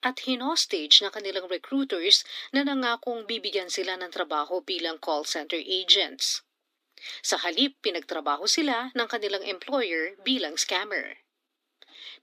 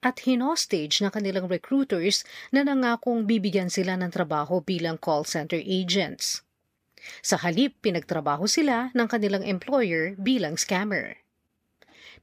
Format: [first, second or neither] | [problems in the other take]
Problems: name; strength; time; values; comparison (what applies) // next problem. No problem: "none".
second | thin; very slightly; fading below 250 Hz